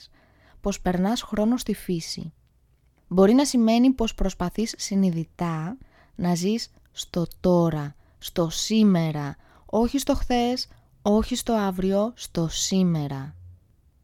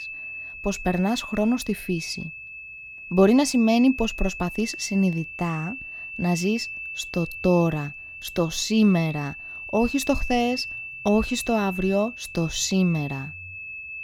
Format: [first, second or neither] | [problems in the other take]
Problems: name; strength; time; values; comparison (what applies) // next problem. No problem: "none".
first | high-pitched whine; loud; throughout; 2.5 kHz, 10 dB below the speech